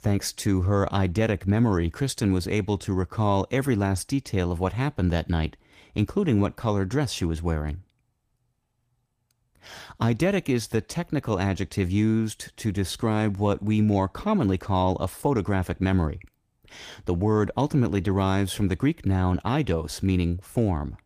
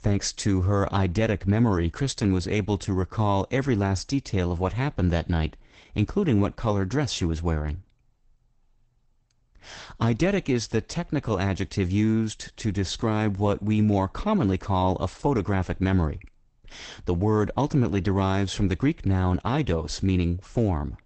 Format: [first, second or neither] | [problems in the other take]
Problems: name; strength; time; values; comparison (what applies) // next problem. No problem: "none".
first | garbled, watery; badly; nothing above 8 kHz; slightly in the first